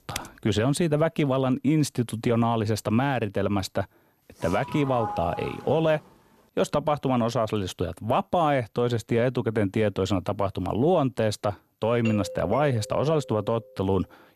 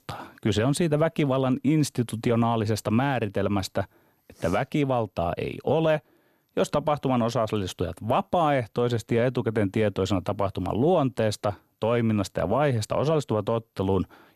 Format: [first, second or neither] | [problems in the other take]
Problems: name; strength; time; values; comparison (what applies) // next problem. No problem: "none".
second | keyboard typing; faint; at the start; peak 10 dB below the speech // doorbell; noticeable; from 4.5 to 6 s and from 12 to 14 s; peak 7 dB below the speech